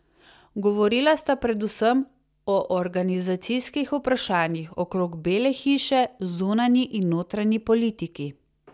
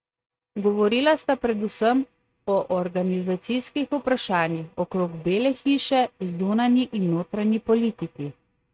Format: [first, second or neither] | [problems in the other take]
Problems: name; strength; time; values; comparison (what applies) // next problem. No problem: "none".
first | noise reduction (neural mask model RNNoise)